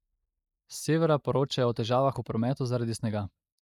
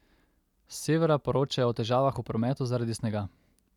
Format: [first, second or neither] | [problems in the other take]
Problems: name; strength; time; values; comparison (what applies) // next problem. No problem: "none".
second | noise reduction (neural mask model Resemble Enhance denoiser)